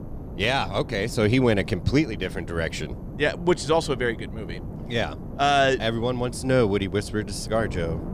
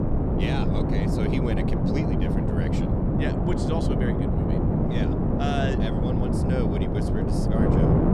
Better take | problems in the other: first | wind noise on the microphone; heavy; 4 dB above the speech; occasional gusts in the first

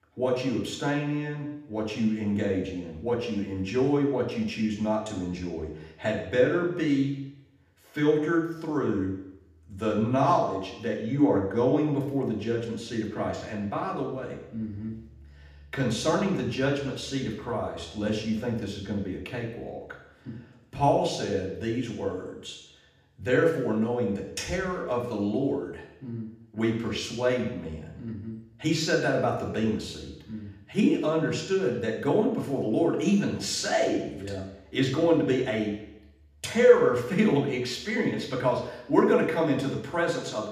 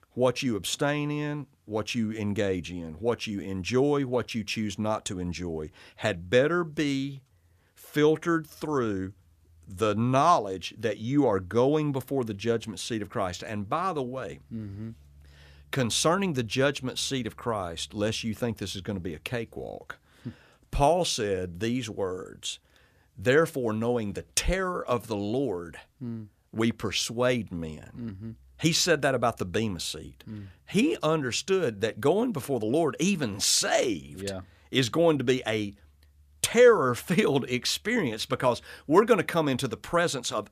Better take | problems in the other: second | room echo; noticeable; dies away in 0.8 s // off-mic speech; far

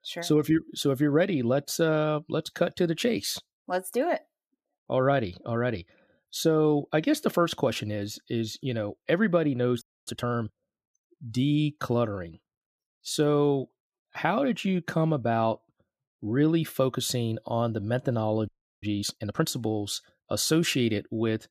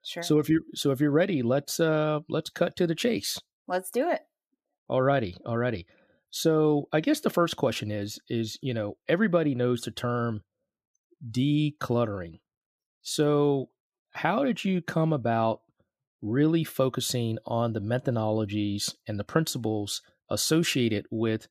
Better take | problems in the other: second | audio freezing; at 10 s and at 18 s

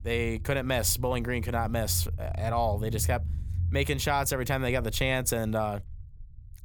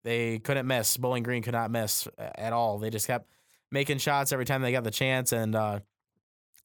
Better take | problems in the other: second | low rumble; faint; throughout; 20 dB below the speech

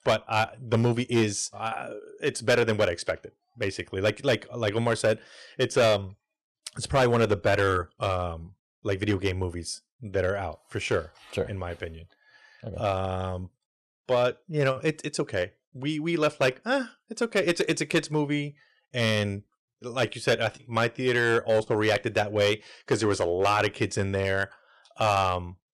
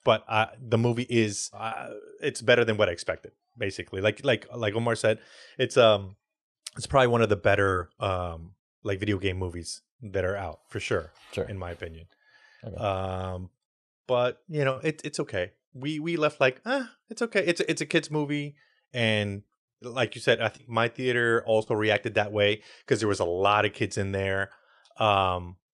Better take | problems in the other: second | distortion; slight; 3% of the sound clipped

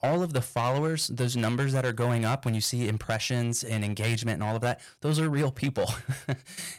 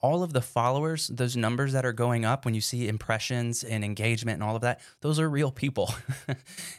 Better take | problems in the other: second | distortion; slight; 10% of the sound clipped

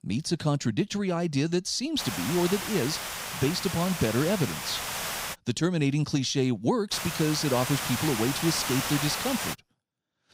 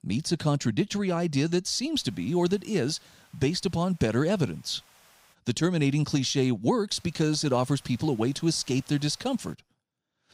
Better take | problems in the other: second | hiss; loud; from 2 to 5.5 s and from 7 to 9.5 s; 4 dB below the speech; faint in the second

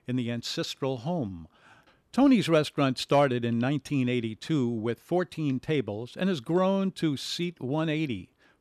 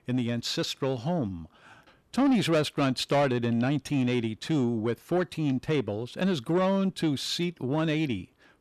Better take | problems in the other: first | distortion; slight; 10 dB below the speech

